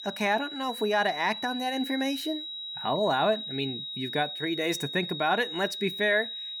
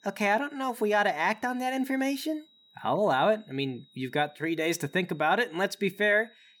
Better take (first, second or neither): second